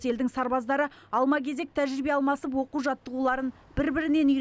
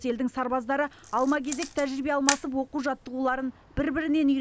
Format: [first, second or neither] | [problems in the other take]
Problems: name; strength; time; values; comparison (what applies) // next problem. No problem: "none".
first | background sound (Camera); 9 dB below the speech